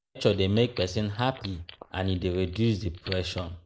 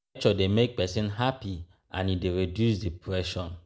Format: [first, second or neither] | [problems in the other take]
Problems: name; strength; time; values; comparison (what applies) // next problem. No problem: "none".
second | noise reduction (neural mask model Resemble Enhance denoiser)